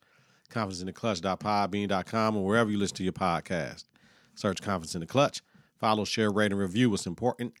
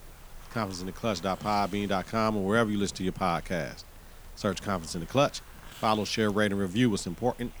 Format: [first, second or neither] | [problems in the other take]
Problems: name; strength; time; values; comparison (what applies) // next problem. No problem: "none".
first | hiss; noticeable; throughout; 20 dB below the speech